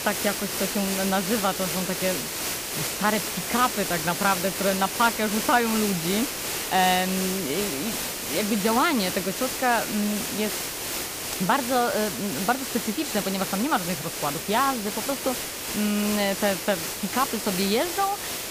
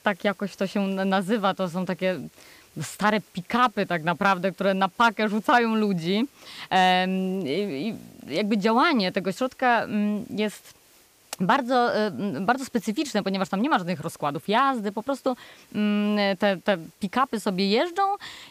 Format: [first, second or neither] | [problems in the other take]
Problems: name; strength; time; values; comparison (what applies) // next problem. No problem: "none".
second | hiss; loud; throughout; 2 dB below the speech; faint in the second